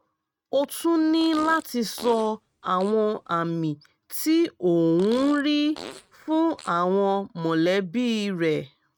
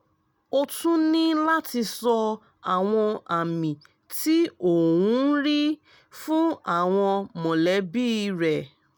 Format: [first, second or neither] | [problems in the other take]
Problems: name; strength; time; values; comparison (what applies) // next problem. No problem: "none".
second | noise reduction (neural mask model RNNoise)